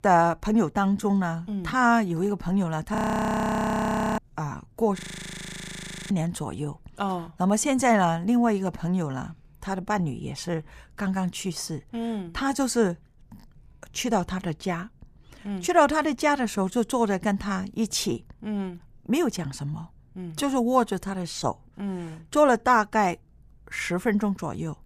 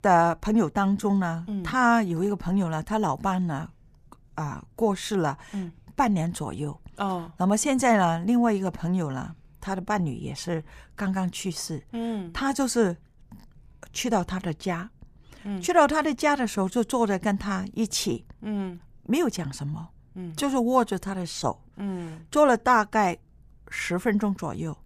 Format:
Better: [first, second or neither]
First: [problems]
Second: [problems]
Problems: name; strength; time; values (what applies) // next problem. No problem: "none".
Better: second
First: audio freezing; at 3 s for 1 s and at 5 s for 1 s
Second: none